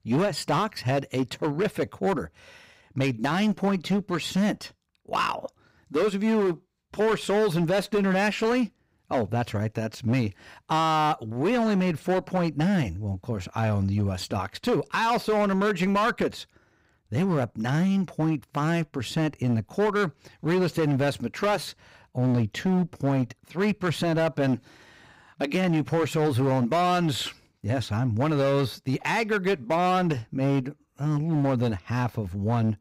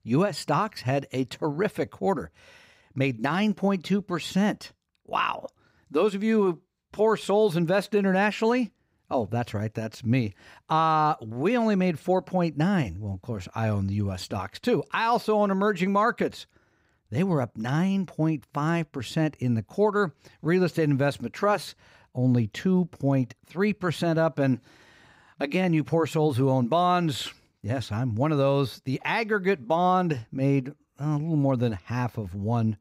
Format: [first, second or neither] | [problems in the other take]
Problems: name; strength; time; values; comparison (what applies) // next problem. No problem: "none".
second | distortion; slight; 12% of the sound clipped